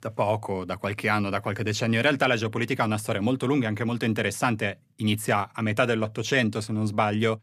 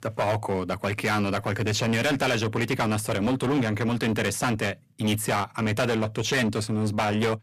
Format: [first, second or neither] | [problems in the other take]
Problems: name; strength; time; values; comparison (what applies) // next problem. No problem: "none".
first | distortion; heavy; 17% of the sound clipped